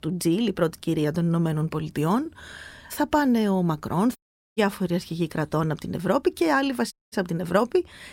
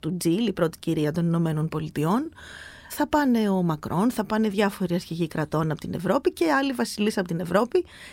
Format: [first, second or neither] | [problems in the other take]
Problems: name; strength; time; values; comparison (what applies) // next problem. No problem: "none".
second | audio cutting out; at 4 s and at 7 s